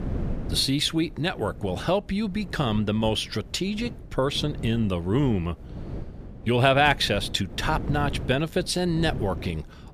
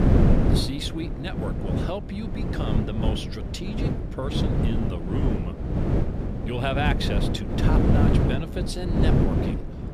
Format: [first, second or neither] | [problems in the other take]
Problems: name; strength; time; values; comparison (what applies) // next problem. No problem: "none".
first | wind noise on the microphone; heavy; 1 dB above the speech; occasional gusts in the first